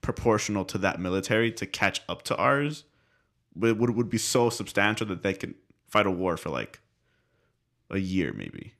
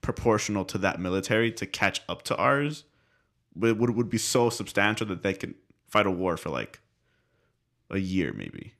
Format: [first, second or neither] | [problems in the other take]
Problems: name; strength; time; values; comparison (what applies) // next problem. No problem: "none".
neither | none